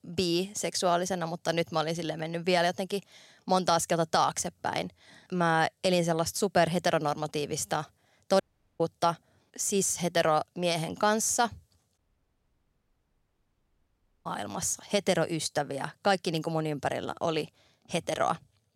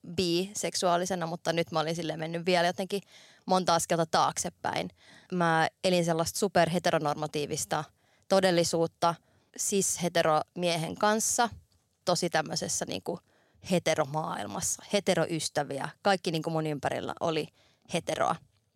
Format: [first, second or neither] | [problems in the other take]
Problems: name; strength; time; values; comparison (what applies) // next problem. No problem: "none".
second | audio cutting out; at 8.5 s and at 12 s for 2.5 s